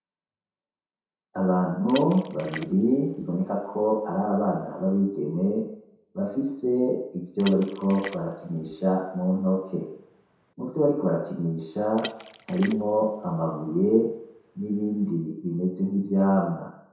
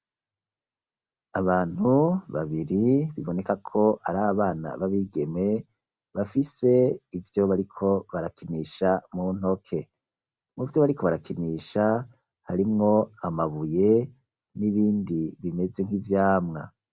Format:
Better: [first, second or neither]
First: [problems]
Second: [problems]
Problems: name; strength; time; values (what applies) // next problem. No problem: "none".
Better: second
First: background sound (Water / Splash, splatter); 19 dB below the speech // room echo; dies away in 0.7 s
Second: none